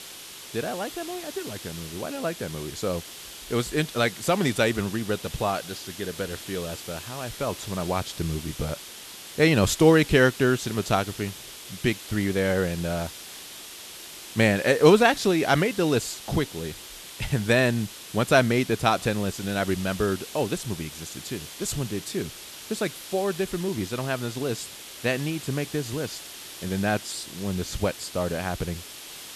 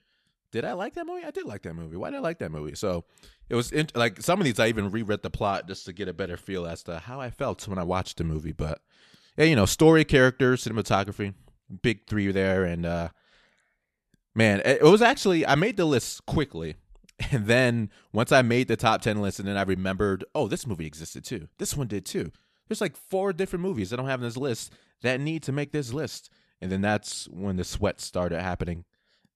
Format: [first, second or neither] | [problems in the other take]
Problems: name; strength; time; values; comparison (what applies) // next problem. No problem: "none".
second | hiss; noticeable; throughout; 15 dB below the speech